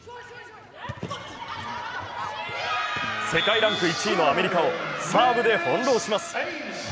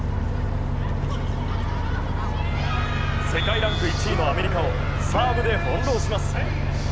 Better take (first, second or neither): first